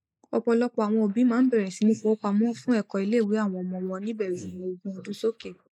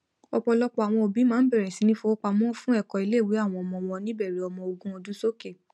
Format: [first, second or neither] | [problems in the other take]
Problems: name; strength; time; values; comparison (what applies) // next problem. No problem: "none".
second | noise reduction (neural mask model Resemble Enhance denoiser)